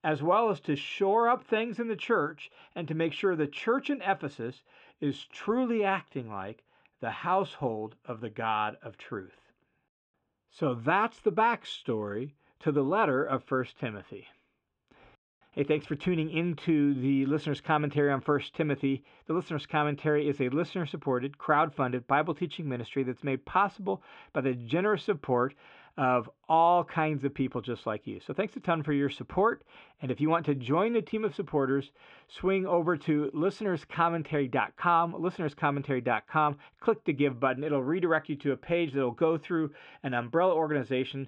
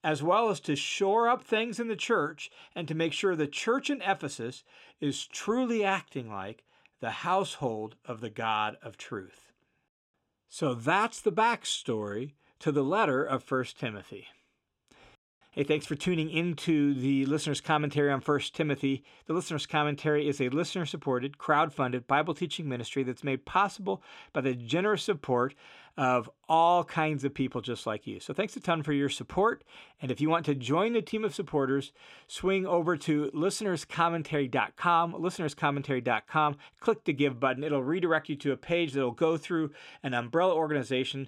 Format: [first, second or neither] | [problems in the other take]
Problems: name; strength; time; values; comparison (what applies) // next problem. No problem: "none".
second | muffled; very; fading above 2.5 kHz